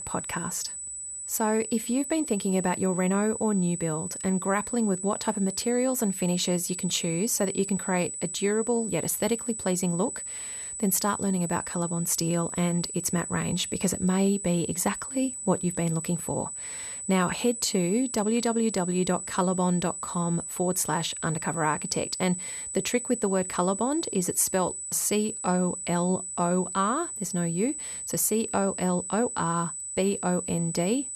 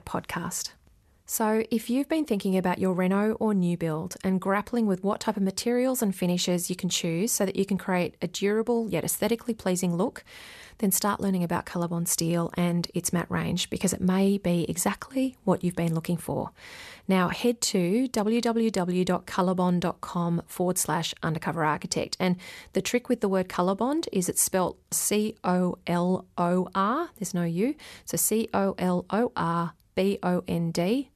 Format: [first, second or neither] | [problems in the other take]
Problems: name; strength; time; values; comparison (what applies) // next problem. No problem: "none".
second | high-pitched whine; loud; throughout; 8 kHz, 6 dB below the speech